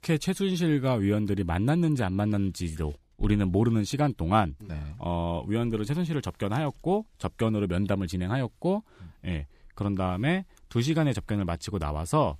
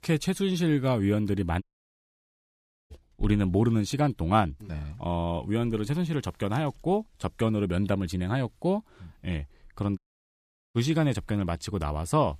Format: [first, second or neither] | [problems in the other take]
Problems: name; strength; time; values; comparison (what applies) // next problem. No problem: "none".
first | audio cutting out; at 1.5 s for 1.5 s and at 10 s for 1 s